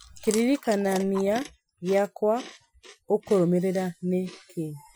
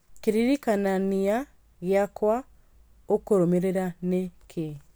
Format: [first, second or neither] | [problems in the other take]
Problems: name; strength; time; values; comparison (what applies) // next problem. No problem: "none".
second | noise reduction (classical method Wiener filter)